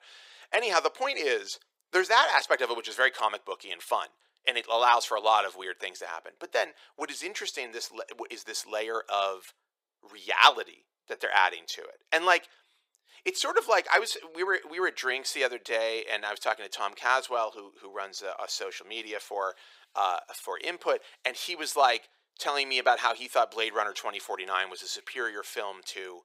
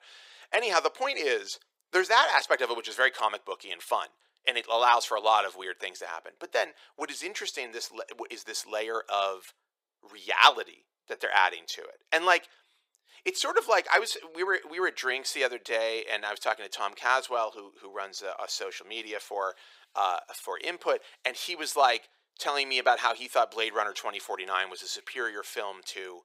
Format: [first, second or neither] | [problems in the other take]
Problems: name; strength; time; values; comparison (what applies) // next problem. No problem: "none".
neither | thin; very; fading below 450 Hz; the same in both